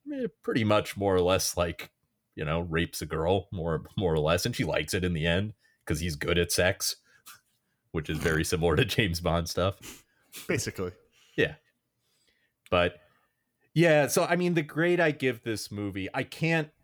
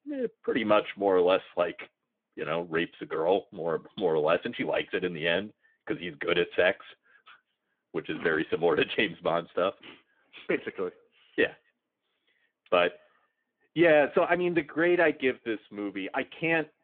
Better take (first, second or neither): first